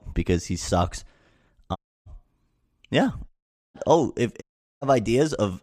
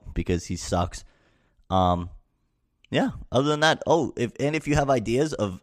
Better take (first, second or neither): second